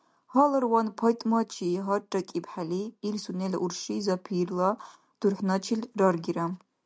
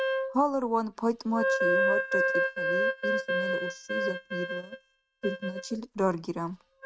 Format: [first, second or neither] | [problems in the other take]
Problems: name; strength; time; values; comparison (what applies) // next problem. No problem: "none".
first | noise reduction (neural mask model RNNoise)